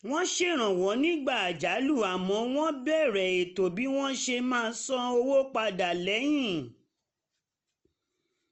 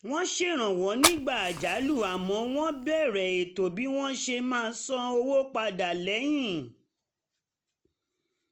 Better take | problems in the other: first | background sound (Fire); 3 dB below the speech

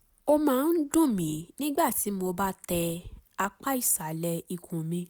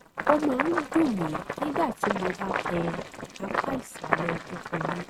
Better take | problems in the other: first | noise reduction (neural mask model RNNoise)

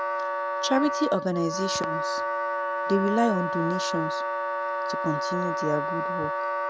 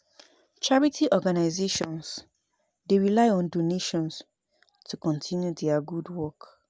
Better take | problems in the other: second | background sound (Wind instrument, woodwind instrument); as loud as the speech

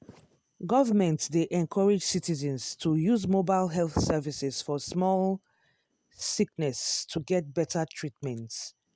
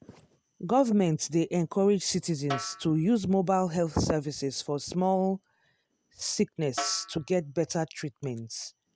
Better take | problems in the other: first | background sound (Snare drum); 14 dB below the speech

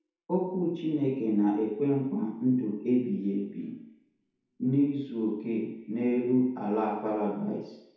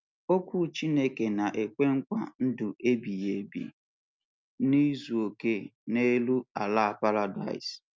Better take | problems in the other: second | room echo; dies away in 2 s

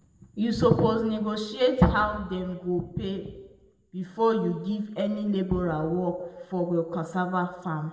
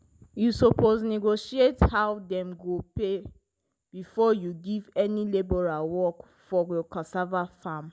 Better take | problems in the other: second | room echo; dies away in 1 s

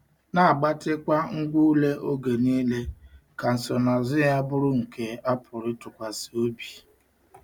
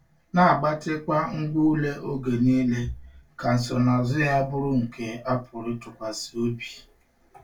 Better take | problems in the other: first | room echo; dies away in 0.2 s

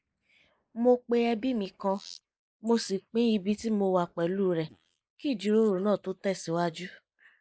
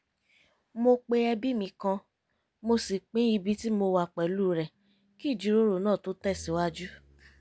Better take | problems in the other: second | noise reduction (neural mask model Resemble Enhance denoiser)

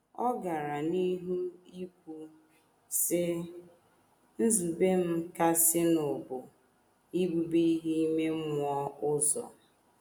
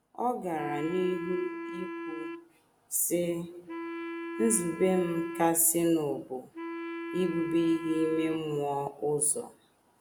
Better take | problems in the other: first | background sound (Wind instrument, woodwind instrument); 9 dB below the speech

